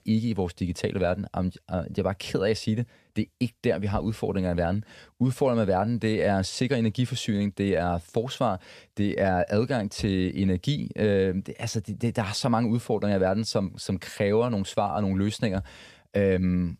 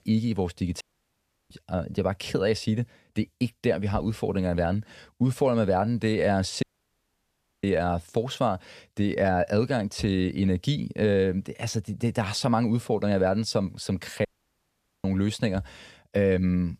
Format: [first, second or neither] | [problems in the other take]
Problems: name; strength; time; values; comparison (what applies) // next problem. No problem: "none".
first | audio cutting out; at 1 s for 0.5 s, at 6.5 s for 1 s and at 14 s for 1 s